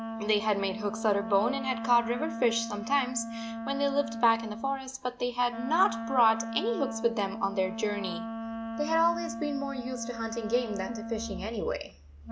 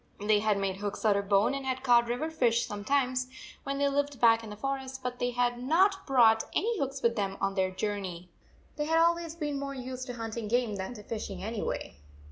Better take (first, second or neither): second